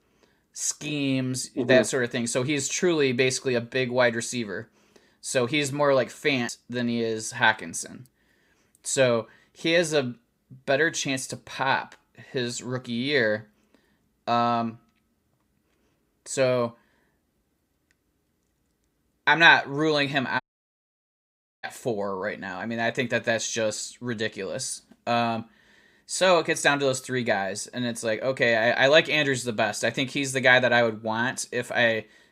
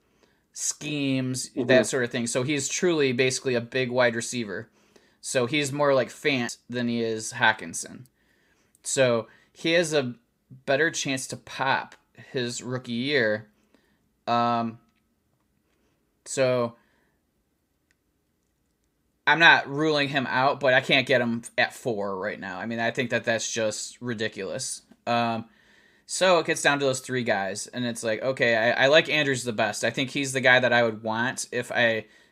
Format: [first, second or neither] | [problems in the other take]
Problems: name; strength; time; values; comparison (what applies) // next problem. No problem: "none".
second | audio cutting out; at 20 s for 1 s